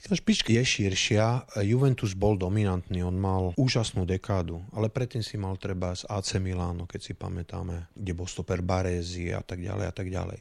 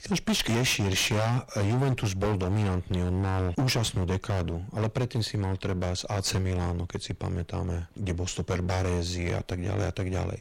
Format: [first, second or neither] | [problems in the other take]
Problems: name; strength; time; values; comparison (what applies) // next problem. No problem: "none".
first | distortion; heavy; 22% of the sound clipped